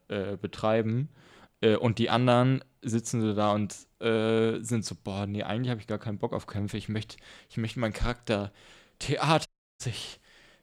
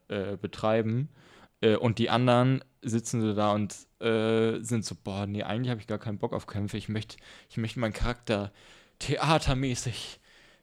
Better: second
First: audio cutting out; at 9.5 s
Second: none

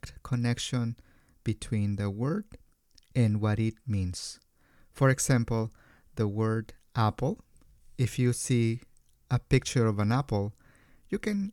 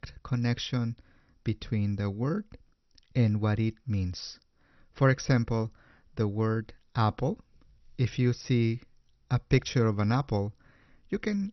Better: first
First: none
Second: garbled, watery; slightly; nothing above 6 kHz

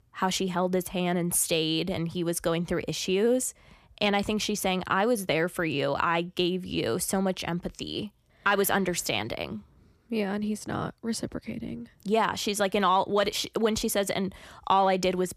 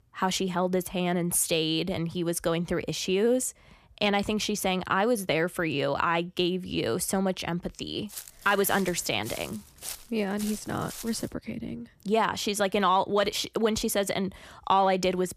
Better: first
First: none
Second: footsteps; faint; from 8 to 11 s; peak 10 dB below the speech

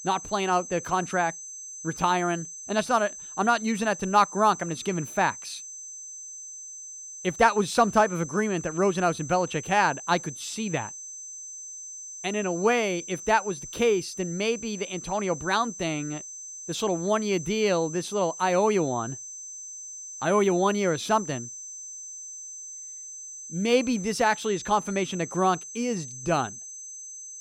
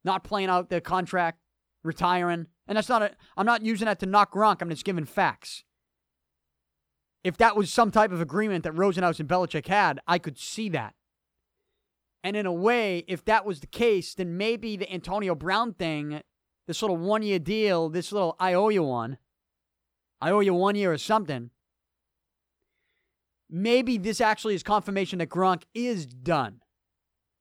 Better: second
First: high-pitched whine; noticeable; throughout; 6 kHz, 10 dB below the speech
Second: none

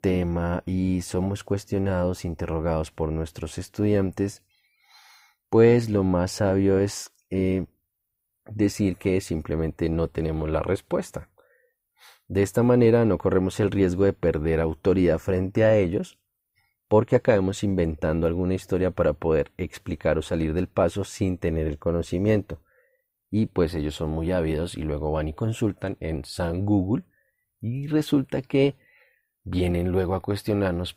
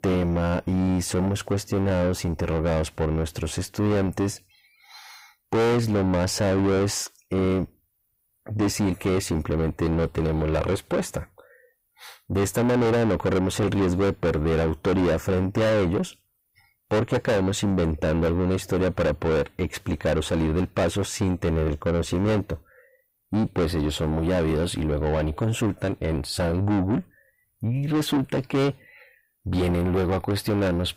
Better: first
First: none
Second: distortion; heavy; 7 dB below the speech

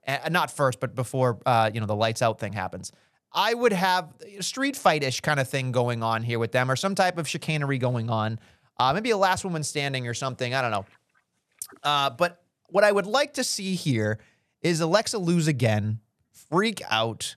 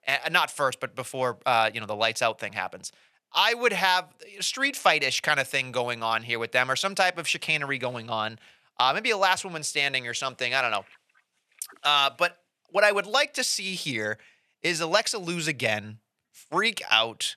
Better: first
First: none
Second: thin; somewhat; fading below 600 Hz

